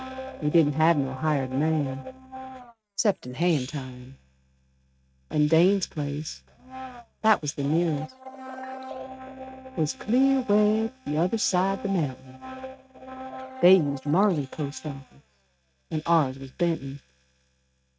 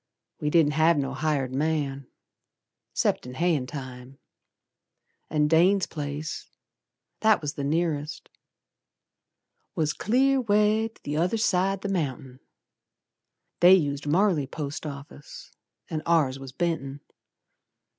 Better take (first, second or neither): second